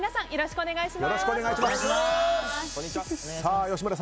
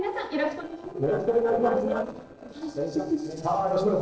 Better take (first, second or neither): first